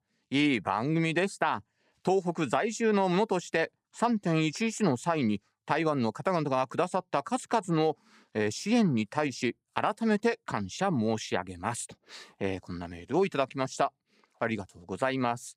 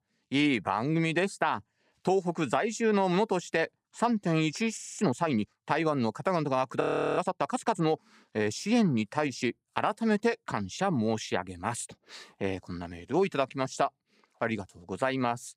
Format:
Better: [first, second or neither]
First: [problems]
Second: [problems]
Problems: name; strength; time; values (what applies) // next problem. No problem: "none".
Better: first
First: none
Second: audio freezing; at 5 s and at 7 s